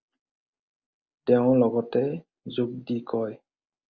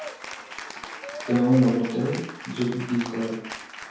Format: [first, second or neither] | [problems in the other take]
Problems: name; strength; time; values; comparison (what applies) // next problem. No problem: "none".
first | background sound (Applause / Cheering); 12 dB below the speech // room echo; dies away in 0.6 s